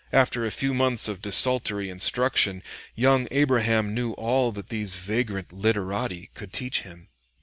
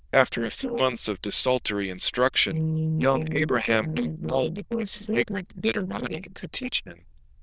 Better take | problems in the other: first | noise reduction (neural diffusion model UNIVERSE++)

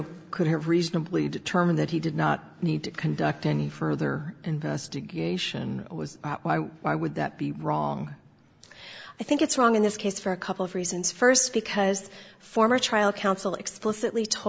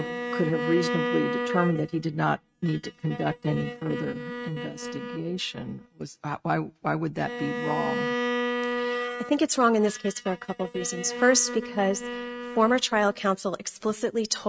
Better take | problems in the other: first | noise reduction (neural mask model RNNoise)

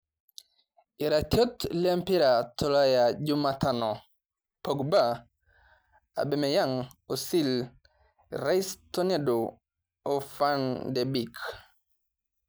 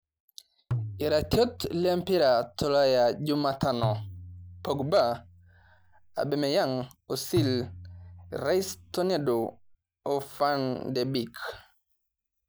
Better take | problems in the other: first | background sound (Tabla); 10 dB below the speech

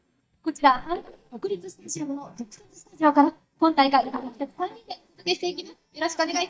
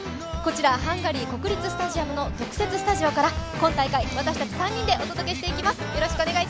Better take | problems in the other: second | noise reduction (neural mask model DeepFilterNet 3)

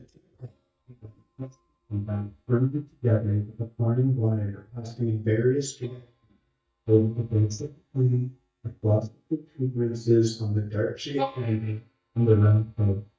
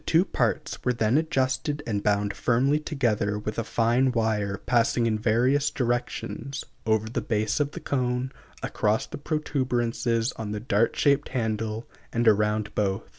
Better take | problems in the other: second | noise reduction (neural mask model DeepFilterNet 3)

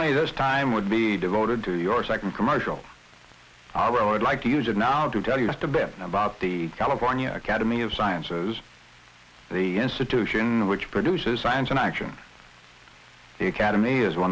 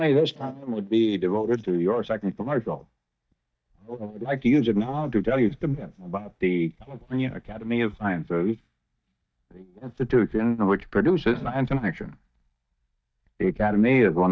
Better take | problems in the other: first | noise reduction (neural mask model DeepFilterNet 3)

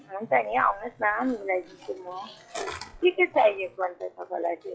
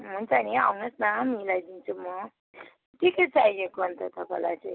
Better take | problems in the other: second | noise reduction (classical method log-MMSE)

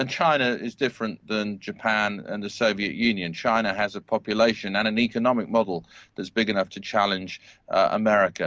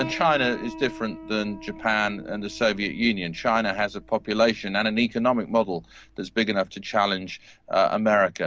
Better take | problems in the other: first | background sound (Piano); 18 dB below the speech

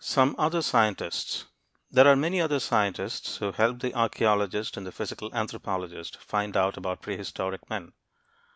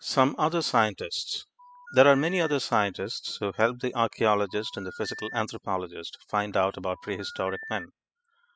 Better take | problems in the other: first | noise reduction (classical method spectral subtraction)

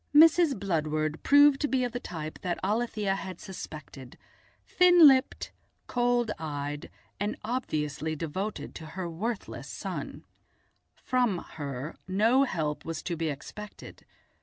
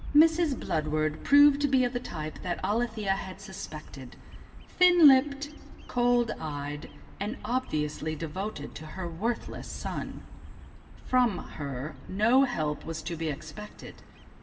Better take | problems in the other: first | background sound (Bird vocalization, bird call, bird song); 13 dB below the speech // room echo; dies away in 1.3 s

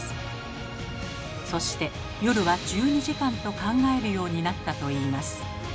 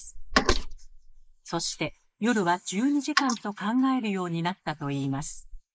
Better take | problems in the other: first | noise reduction (neural mask model Resemble Enhance denoiser)

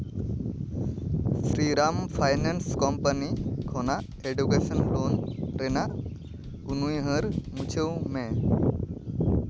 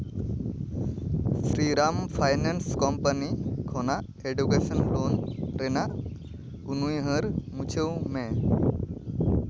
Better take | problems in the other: second | background sound (Bass drum / Snare drum / Drum kit); 17 dB below the speech

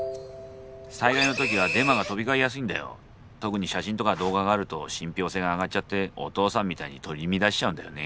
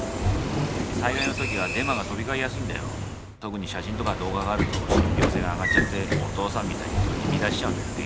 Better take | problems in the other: first | background sound (Sliding door / Train); 4 dB above the speech

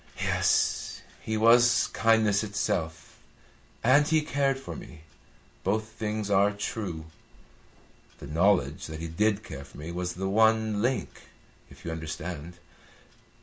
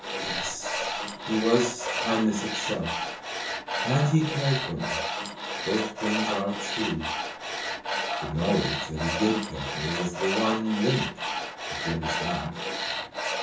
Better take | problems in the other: first | background sound (Tools); 2 dB below the speech // room echo; dies away in 0.6 s

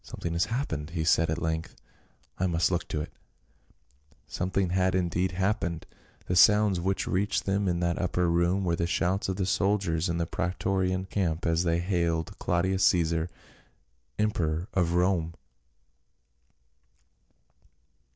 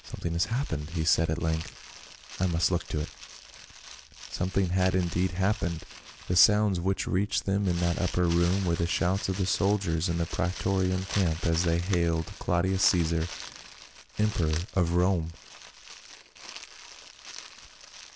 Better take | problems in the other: first | background sound (Crumpling, crinkling); 15 dB below the speech

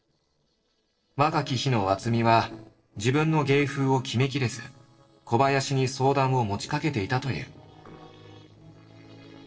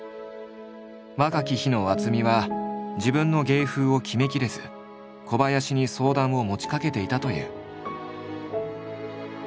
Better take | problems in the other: second | noise reduction (neural separator model SepFormer DNS4)

